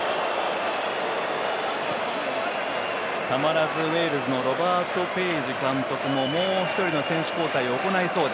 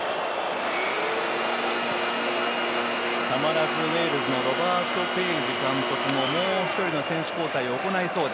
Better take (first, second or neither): first